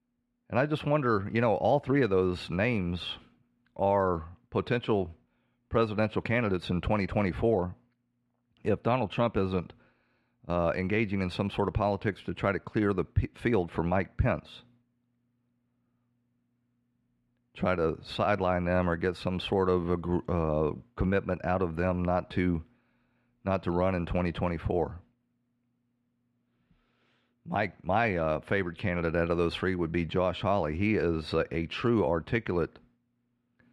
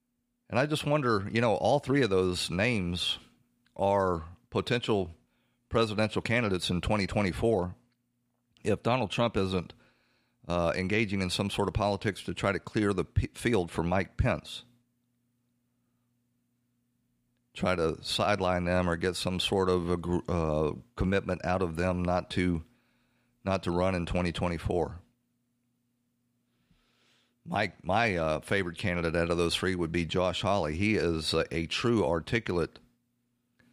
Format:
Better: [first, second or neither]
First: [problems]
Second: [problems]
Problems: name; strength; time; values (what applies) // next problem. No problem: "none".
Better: second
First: muffled; slightly; fading above 4 kHz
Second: none